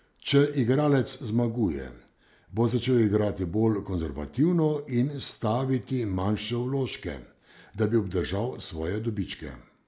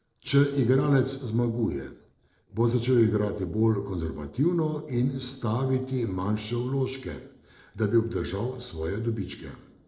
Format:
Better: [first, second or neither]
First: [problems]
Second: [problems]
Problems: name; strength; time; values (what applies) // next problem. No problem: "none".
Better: first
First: none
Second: noise reduction (neural separator model SepFormer DNS4)